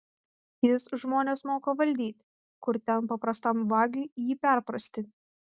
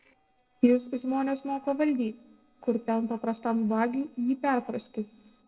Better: first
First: none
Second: noise reduction (neural separator model SepFormer DNS4)

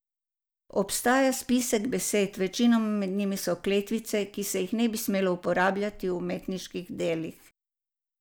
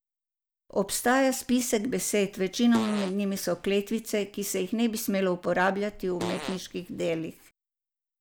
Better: first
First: none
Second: background sound (Fart); 12 dB below the speech

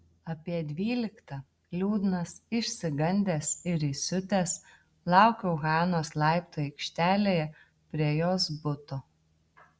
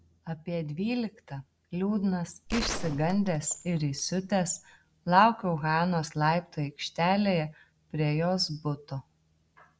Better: first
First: none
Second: background sound (Gunshot, gunfire); 9 dB below the speech

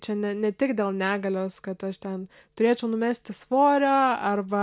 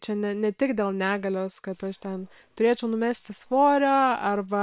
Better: first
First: none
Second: noise reduction (neural separator model SepFormer WHAM!)

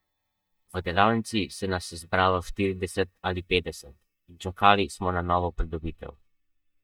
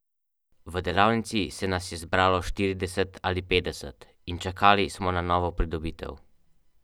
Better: second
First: noise reduction (neural mask model DeepFilterNet 3)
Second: none

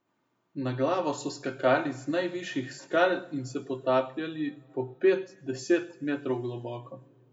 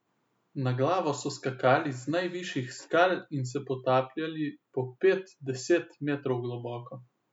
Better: second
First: room echo; dies away in 2 s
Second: none

